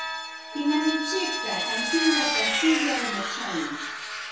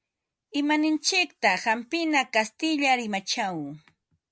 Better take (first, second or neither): second